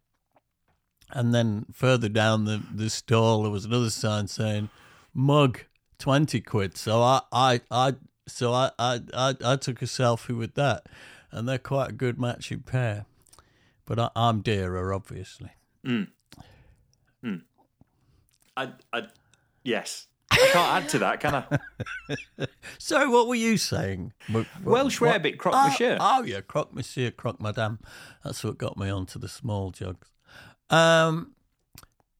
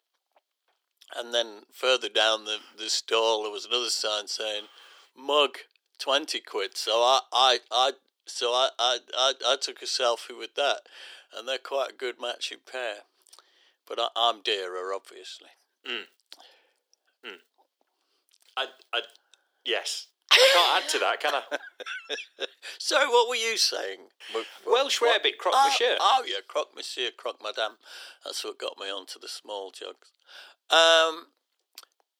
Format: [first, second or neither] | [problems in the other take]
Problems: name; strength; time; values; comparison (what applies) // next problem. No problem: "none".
first | thin; very; fading below 350 Hz